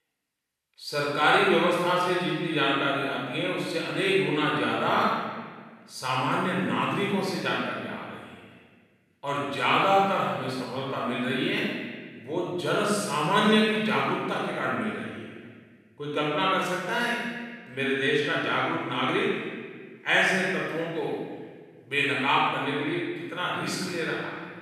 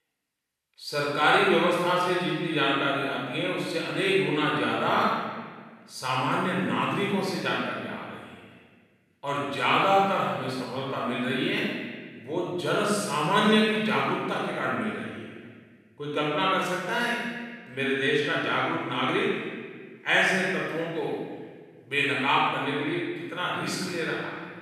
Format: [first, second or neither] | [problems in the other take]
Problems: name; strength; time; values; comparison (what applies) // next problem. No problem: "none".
neither | off-mic speech; far; the same in both // room echo; strong; dies away in 1.4 s; the same in both